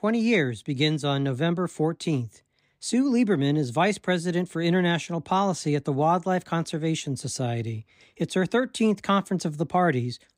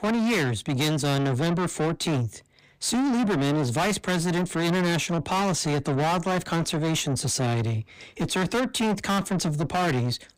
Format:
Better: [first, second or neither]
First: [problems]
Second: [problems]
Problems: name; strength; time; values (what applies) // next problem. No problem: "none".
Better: first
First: none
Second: distortion; heavy; 6 dB below the speech